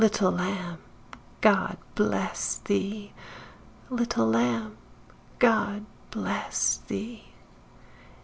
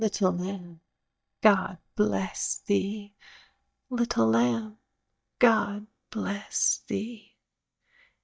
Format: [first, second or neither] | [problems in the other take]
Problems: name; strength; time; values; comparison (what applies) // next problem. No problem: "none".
first | noise reduction (neural mask model DeepFilterNet 3)